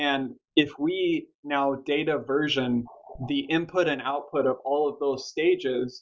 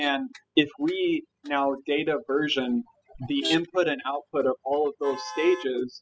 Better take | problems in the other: first | noise reduction (classical method spectral subtraction)

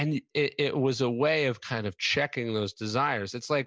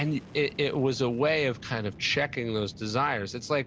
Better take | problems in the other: first | background sound (Fixed-wing aircraft, airplane); 18 dB below the speech

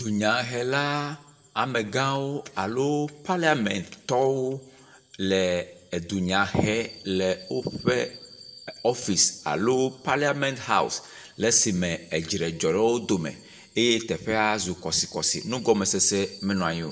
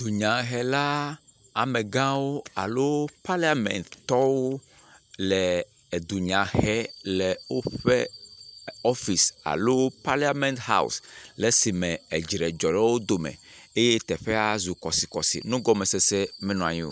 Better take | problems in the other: second | room echo; dies away in 0.5 s

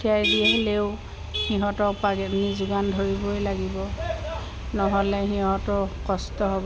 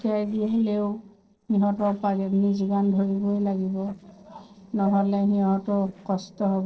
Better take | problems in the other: first | noise reduction (neural separator model SepFormer DNS4)

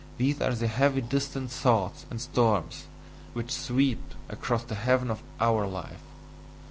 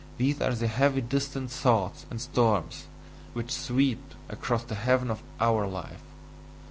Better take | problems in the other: second | background sound (Breathing); 18 dB below the speech

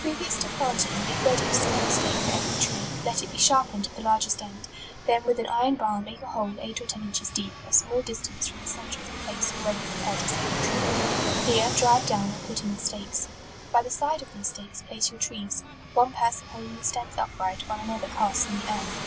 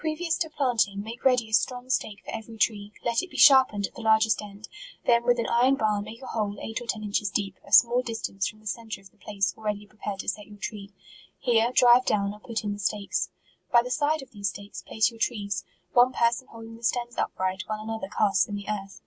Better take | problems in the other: second | background sound (Fixed-wing aircraft, airplane); 4 dB below the speech

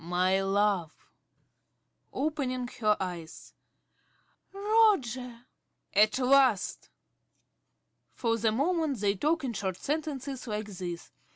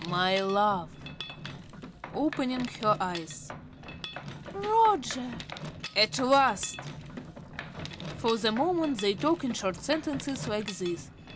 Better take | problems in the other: first | background sound (Mechanisms); 11 dB below the speech

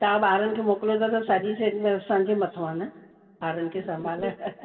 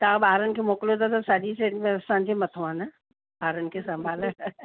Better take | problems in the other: second | room echo; dies away in 2.7 s

